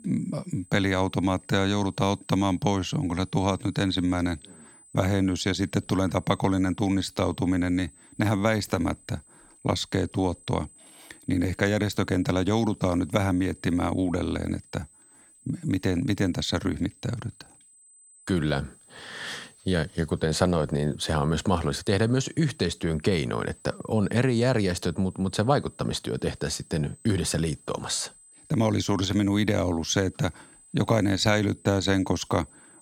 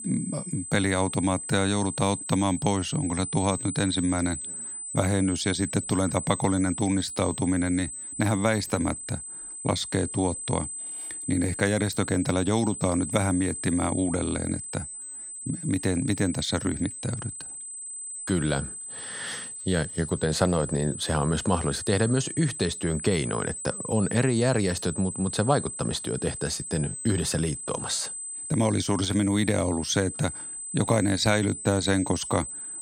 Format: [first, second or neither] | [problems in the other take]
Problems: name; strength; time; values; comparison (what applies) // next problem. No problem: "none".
first | high-pitched whine; loud; throughout; 8 kHz, 7 dB below the speech; faint in the first